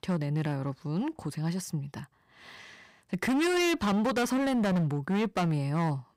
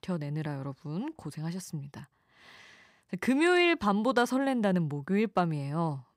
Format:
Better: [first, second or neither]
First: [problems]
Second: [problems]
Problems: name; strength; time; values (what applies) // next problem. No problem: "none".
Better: second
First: distortion; heavy; 15% of the sound clipped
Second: none